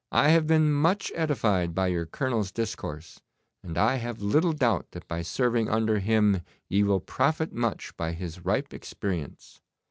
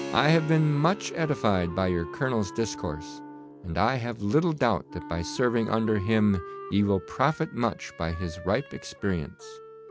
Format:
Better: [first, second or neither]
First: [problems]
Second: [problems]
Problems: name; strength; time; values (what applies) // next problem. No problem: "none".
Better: first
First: none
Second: background sound (Keyboard (musical) + Wind instrument, woodwind instrument); 14 dB below the speech